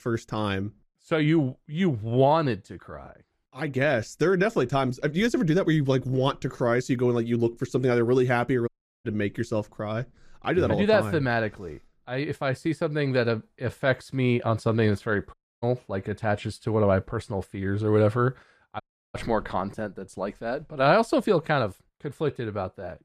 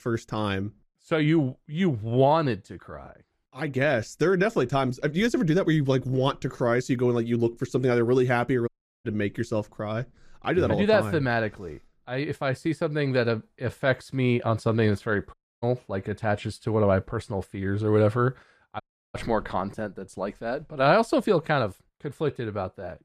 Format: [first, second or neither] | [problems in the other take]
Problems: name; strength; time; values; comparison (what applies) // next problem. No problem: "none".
neither | audio cutting out; at 8.5 s, at 15 s and at 19 s; the same in both